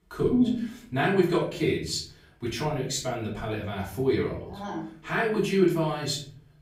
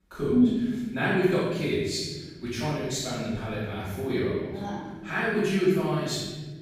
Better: first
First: room echo; slight; dies away in 0.5 s // off-mic speech; far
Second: room echo; strong; dies away in 1.3 s // off-mic speech; far

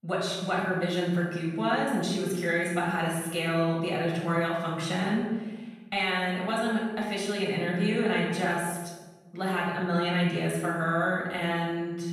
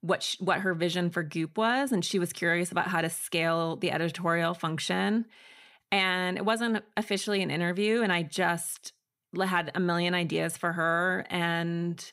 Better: second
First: off-mic speech; far // room echo; noticeable; dies away in 1.1 s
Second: none

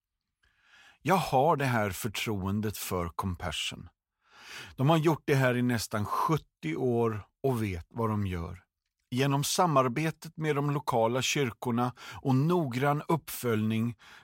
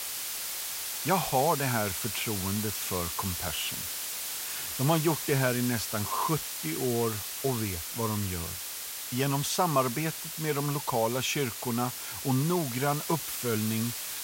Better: first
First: none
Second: hiss; loud; throughout; 3 dB below the speech

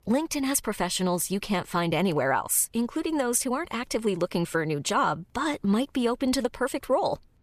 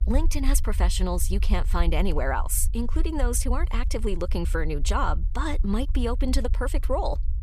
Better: first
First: none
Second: low rumble; noticeable; throughout; 20 dB below the speech

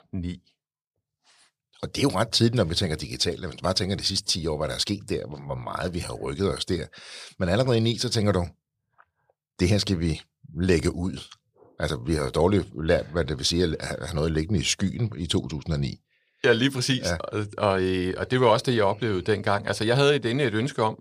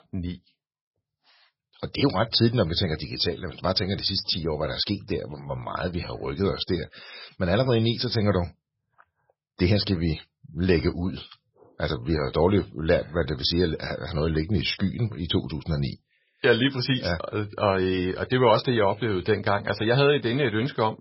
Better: first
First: none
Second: garbled, watery; badly; nothing above 5.5 kHz

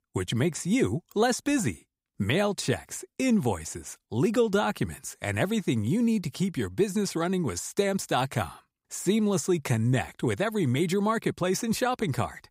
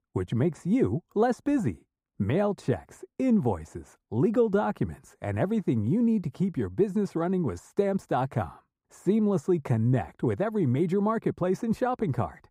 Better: first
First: none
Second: muffled; very; fading above 2 kHz

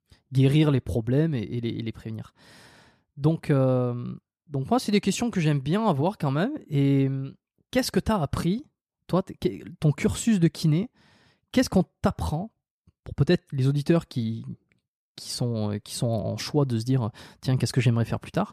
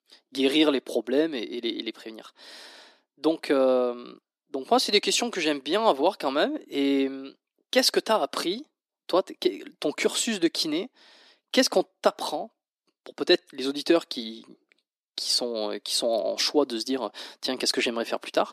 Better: first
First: none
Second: thin; somewhat; fading below 300 Hz

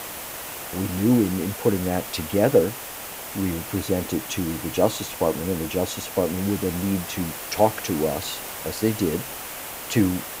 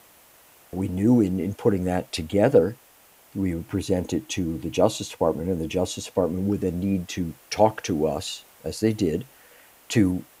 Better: second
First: hiss; loud; throughout; 8 dB below the speech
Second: hiss; faint; throughout; 25 dB below the speech

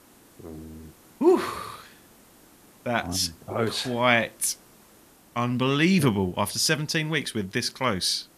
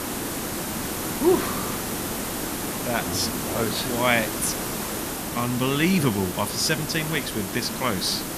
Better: first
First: hiss; faint; throughout; 30 dB below the speech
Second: hiss; loud; throughout; 3 dB below the speech

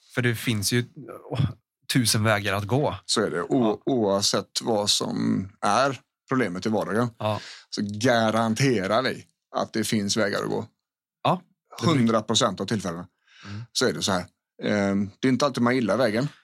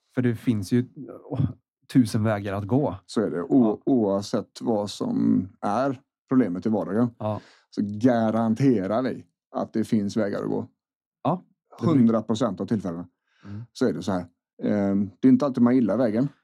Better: first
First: none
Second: muffled; slightly; fading above 1.5 kHz

